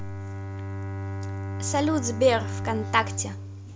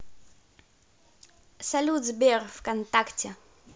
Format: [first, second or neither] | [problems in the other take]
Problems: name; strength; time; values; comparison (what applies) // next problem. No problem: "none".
second | background sound (Bowed string instrument); 4 dB below the speech